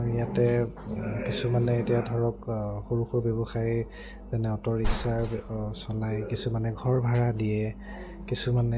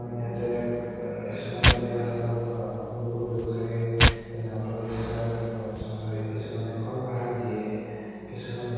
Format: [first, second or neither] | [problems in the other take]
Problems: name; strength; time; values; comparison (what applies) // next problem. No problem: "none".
first | background sound (Tearing); 1 dB above the speech // room echo; dies away in 2.2 s